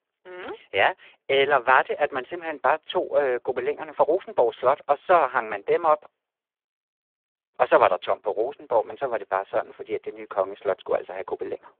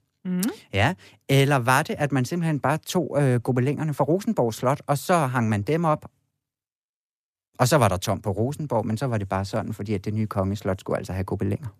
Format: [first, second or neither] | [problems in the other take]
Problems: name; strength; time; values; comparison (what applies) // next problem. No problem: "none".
second | phone-call audio; poor line